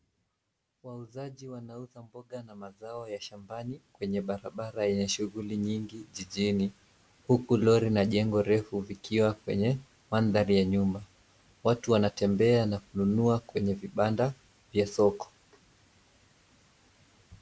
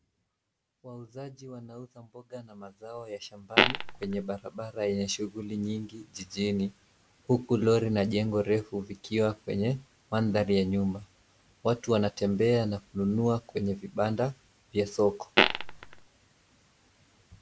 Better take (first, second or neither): first